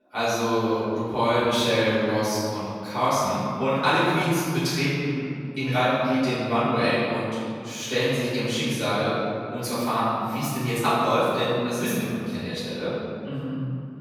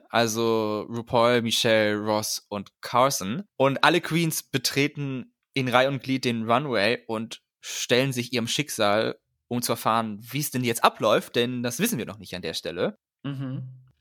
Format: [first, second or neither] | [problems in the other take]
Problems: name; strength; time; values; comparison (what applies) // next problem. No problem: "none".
second | off-mic speech; far // room echo; strong; dies away in 2.4 s